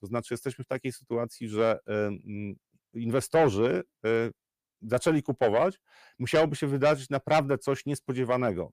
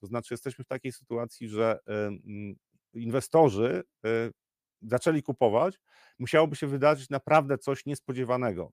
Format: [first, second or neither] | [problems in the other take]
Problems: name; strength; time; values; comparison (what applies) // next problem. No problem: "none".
second | distortion; slight; 10 dB below the speech